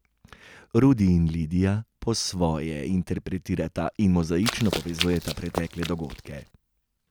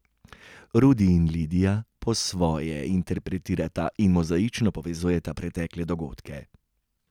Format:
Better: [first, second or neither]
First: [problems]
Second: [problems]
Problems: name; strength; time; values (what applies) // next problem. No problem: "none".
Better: second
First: background sound (Run); 9 dB below the speech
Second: none